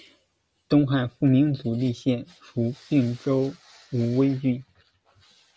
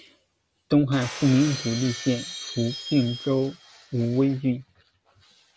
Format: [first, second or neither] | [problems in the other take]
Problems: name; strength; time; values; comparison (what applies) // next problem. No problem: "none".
first | background sound (Shatter); 14 dB below the speech